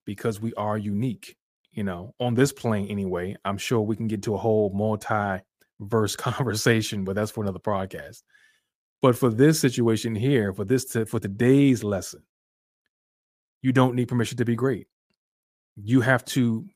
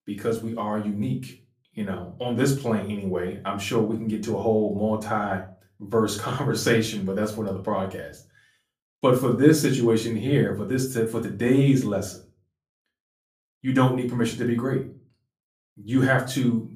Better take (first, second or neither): first